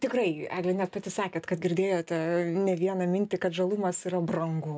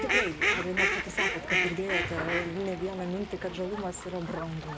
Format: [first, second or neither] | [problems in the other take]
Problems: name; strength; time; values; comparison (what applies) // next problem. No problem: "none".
first | background sound (Fowl); 3 dB above the speech